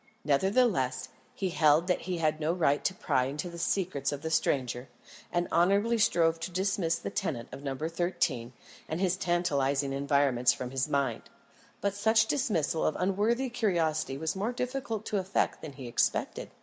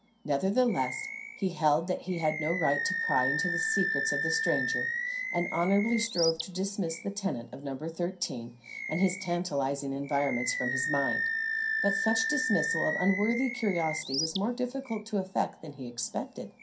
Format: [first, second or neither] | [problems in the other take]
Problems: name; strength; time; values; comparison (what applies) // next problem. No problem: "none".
first | background sound (Animal); 4 dB below the speech // room echo; dies away in 0.3 s